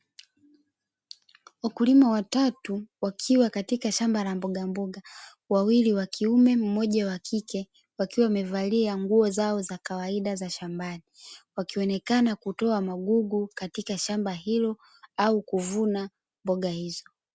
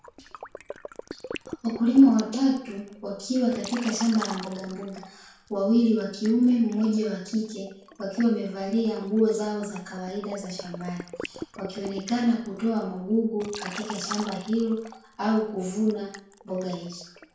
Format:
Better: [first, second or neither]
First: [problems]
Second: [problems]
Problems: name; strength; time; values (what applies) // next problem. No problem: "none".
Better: first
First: none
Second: background sound (Liquid); 16 dB below the speech // room echo; dies away in 0.5 s